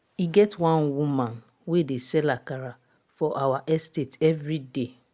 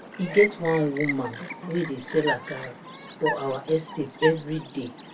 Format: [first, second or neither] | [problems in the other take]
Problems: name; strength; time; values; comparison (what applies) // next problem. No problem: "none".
first | background sound (Chirp, tweet); 7 dB below the speech // room echo; dies away in 0.2 s